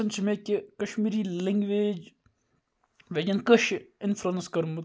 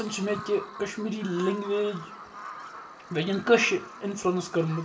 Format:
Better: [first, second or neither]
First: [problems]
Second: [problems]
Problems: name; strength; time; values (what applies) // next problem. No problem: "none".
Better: first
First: none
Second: background sound (Bird vocalization, bird call, bird song); 14 dB below the speech // room echo; dies away in 0.4 s